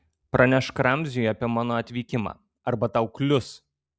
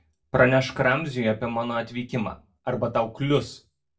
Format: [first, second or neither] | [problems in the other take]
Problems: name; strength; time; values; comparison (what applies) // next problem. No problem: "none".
first | room echo; dies away in 0.2 s